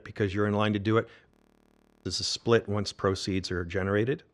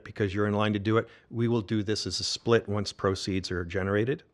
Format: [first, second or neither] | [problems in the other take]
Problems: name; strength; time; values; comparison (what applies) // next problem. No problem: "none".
second | audio freezing; at 1.5 s for 0.5 s